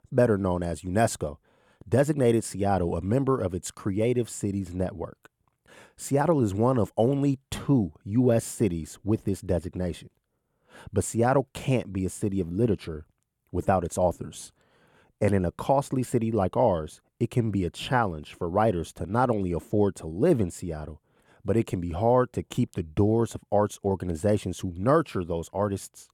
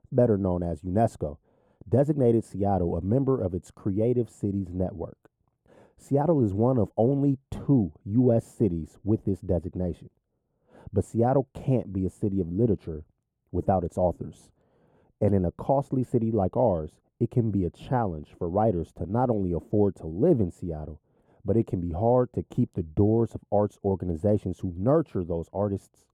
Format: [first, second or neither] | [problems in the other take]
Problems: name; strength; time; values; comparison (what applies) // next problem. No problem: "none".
first | muffled; very; fading above 1 kHz